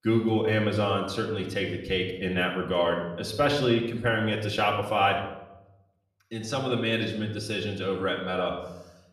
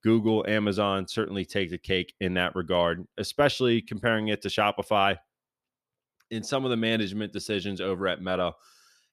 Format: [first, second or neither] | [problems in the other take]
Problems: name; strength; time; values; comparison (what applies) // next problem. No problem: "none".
second | room echo; slight; dies away in 0.7 s // off-mic speech; far